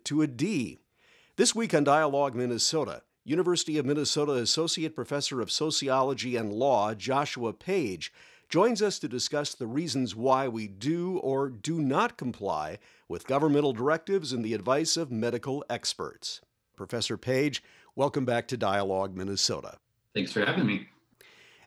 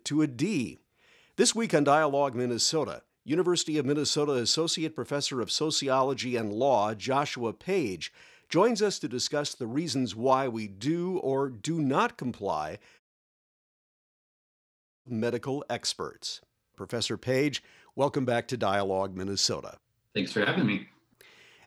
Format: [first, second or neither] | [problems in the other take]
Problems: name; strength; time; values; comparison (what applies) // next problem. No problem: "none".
first | audio cutting out; at 13 s for 2 s